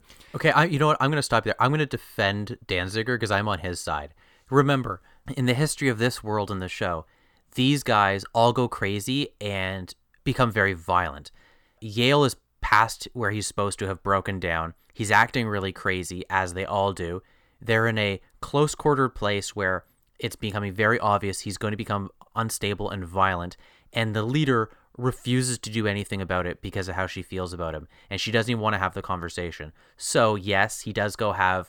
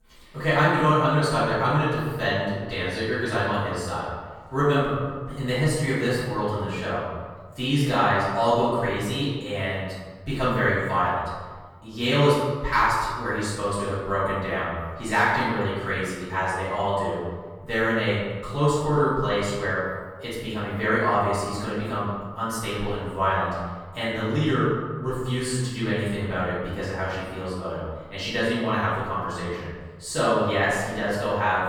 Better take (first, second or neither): first